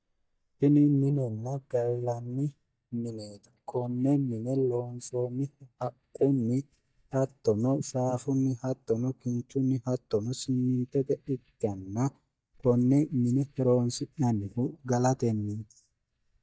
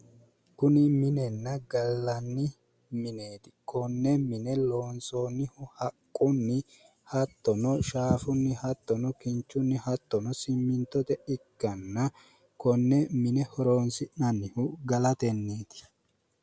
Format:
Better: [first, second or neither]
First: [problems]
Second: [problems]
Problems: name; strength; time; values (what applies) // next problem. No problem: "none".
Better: second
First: noise reduction (neural mask model DeepFilterNet 3)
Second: none